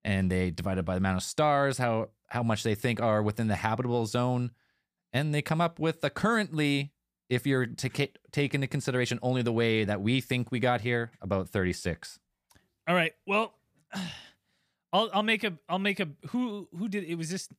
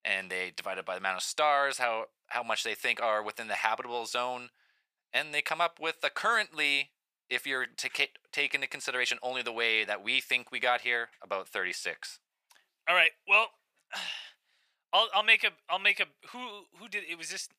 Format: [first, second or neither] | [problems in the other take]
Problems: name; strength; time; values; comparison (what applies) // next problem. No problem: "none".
first | thin; very; fading below 800 Hz